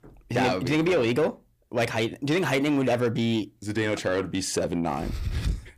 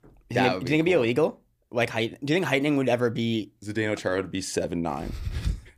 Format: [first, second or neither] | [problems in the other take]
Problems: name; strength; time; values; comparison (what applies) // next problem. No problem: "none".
second | distortion; slight; 10 dB below the speech